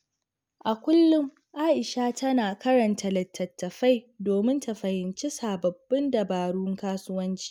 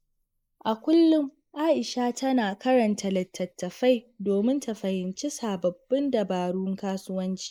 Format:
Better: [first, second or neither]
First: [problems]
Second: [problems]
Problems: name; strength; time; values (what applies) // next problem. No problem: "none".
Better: first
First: none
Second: noise reduction (neural mask model Resemble Enhance denoiser)